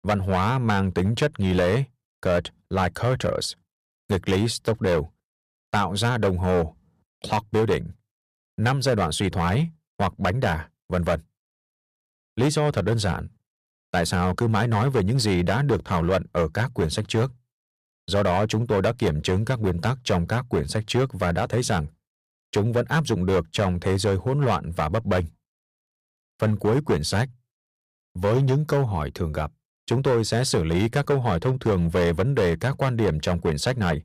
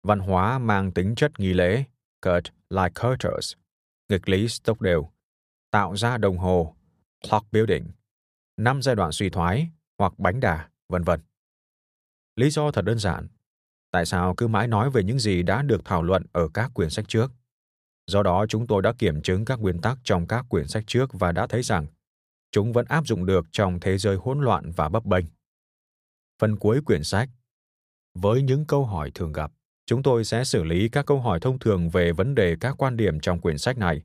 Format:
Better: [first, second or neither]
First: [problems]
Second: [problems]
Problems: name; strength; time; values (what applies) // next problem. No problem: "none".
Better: second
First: distortion; slight; 7% of the sound clipped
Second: none